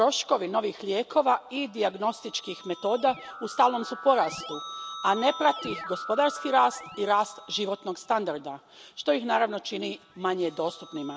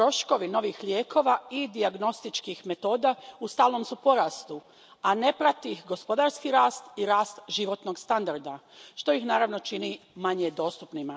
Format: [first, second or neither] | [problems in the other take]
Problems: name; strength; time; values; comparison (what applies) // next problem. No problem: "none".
second | background sound (Keyboard (musical)); 15 dB below the speech